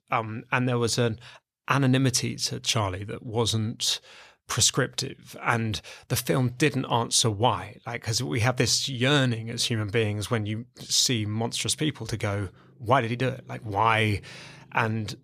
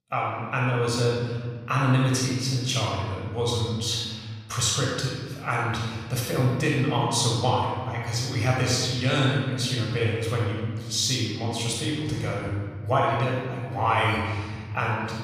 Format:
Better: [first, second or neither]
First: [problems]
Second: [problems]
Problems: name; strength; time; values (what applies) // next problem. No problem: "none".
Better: first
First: none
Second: off-mic speech; far // room echo; strong; dies away in 1.6 s